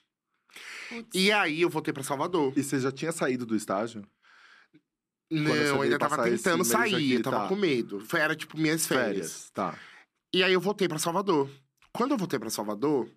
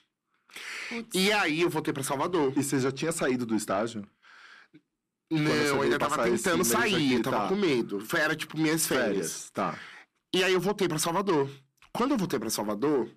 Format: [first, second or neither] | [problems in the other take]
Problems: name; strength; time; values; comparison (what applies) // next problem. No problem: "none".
first | distortion; slight; 10 dB below the speech